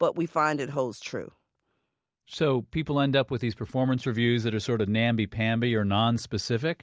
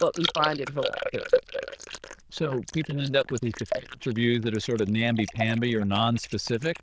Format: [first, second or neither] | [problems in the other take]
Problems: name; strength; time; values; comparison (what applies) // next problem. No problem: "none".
first | noise reduction (neural diffusion model UNIVERSE++)